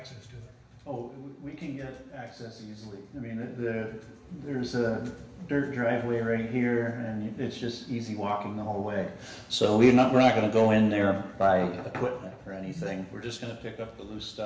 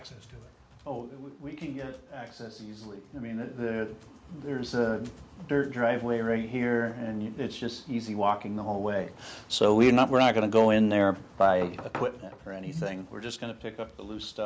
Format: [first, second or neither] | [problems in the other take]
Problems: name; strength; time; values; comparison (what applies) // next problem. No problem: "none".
second | room echo; dies away in 1.1 s